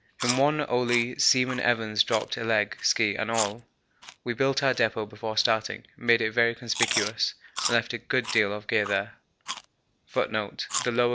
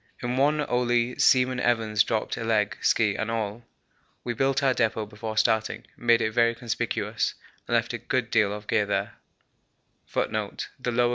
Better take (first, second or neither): second